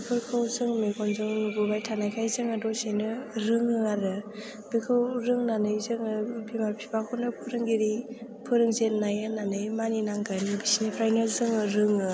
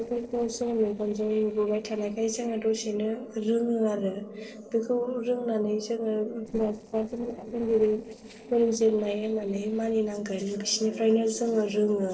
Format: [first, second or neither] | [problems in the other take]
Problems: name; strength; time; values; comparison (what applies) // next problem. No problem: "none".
first | noise reduction (neural separator model SepFormer DNS4)